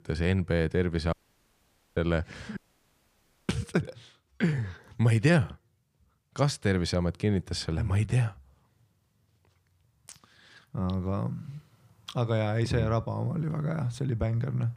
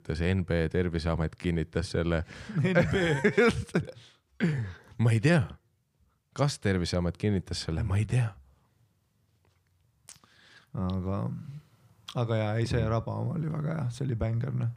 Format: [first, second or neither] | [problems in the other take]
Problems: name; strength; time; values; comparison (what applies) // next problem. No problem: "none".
second | audio cutting out; at 1 s for 1 s and at 2.5 s for 1 s